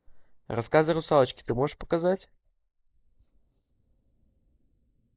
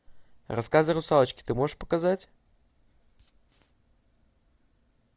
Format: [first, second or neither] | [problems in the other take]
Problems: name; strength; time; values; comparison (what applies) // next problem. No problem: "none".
second | noise reduction (neural mask model Resemble Enhance denoiser)